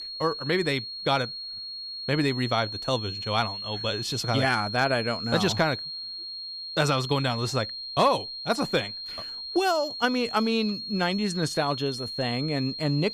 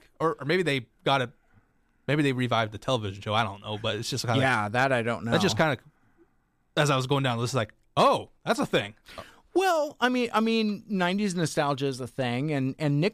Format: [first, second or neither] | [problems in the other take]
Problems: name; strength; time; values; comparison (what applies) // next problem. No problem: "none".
second | high-pitched whine; loud; throughout; 4.5 kHz, 6 dB below the speech